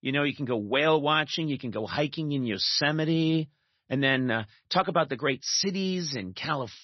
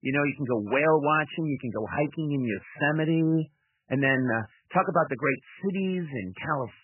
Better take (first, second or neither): first